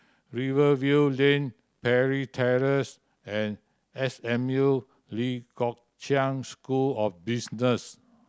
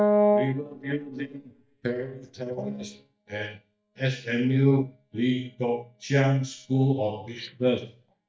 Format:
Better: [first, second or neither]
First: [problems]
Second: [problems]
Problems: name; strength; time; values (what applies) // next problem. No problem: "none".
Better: first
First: none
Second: noise reduction (neural mask model DeepFilterNet 3)